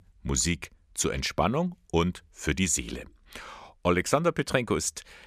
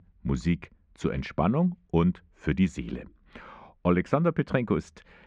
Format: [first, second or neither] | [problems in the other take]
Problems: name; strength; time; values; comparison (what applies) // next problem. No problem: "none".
first | muffled; very; fading above 2 kHz